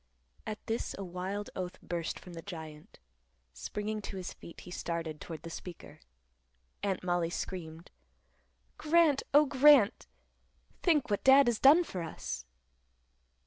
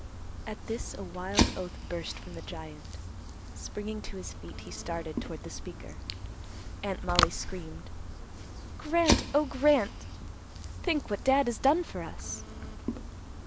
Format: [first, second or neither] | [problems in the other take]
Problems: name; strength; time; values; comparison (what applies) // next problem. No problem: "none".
first | background sound (Fire); 2 dB below the speech